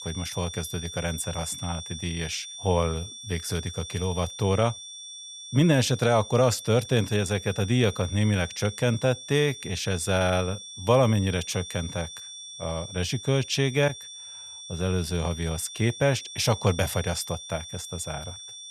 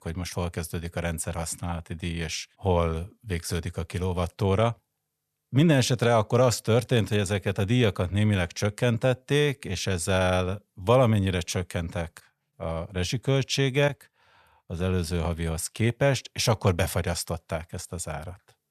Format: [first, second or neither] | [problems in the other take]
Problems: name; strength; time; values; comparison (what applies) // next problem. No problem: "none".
second | high-pitched whine; noticeable; throughout; 3.5 kHz, 10 dB below the speech